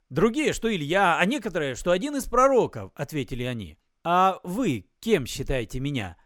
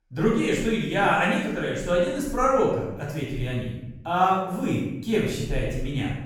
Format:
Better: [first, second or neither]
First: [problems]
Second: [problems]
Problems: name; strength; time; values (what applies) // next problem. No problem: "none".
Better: first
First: none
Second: off-mic speech; far // room echo; noticeable; dies away in 1 s